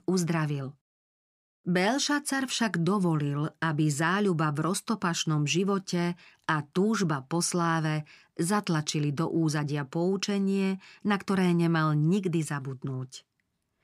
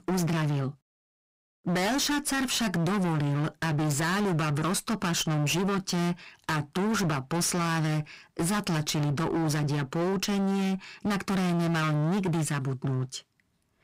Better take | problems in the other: first | distortion; heavy; 39% of the sound clipped

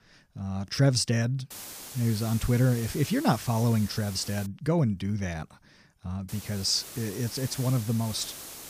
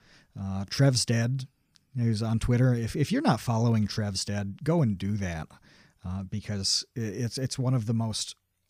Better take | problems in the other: second | hiss; noticeable; from 1.5 to 4.5 s and from 6.5 s on; 10 dB below the speech

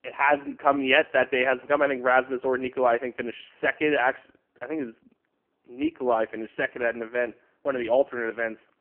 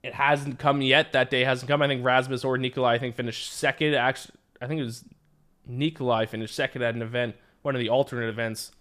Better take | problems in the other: second | phone-call audio; poor line; nothing above 3 kHz

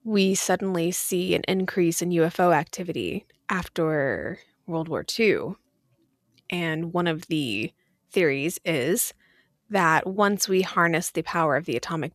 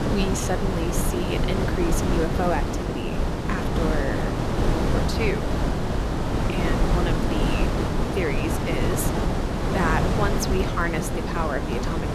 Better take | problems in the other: first | wind noise on the microphone; heavy; 1 dB above the speech

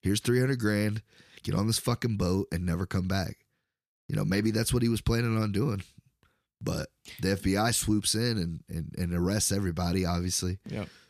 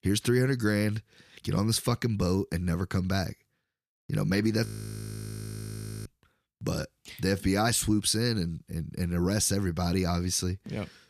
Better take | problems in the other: first | audio freezing; at 4.5 s for 1.5 s

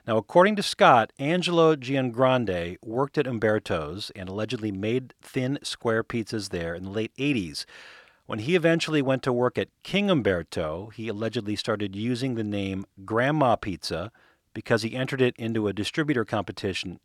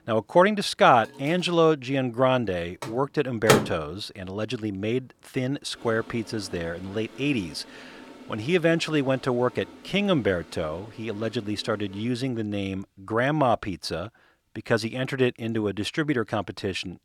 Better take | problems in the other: first | household noises; loud; throughout; 7 dB below the speech

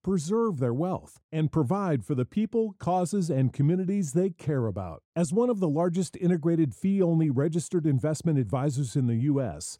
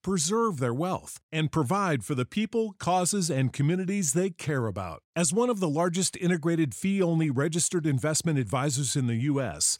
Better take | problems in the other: second | muffled; slightly; fading above 1 kHz

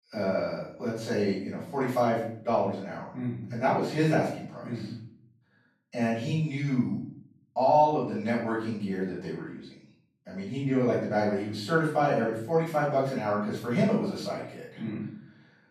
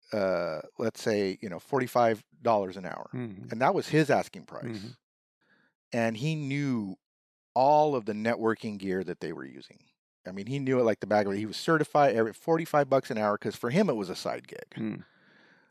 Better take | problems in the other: second | off-mic speech; far // room echo; noticeable; dies away in 0.6 s

